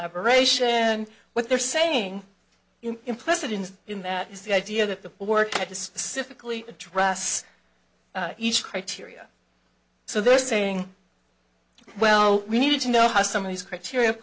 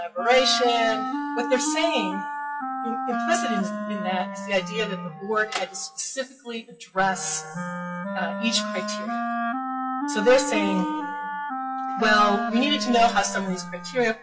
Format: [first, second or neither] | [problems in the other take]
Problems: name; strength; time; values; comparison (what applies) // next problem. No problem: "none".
first | noise reduction (classical method WPE with log-MMSE)